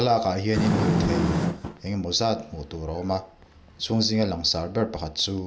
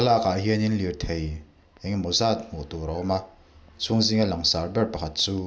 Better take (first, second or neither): second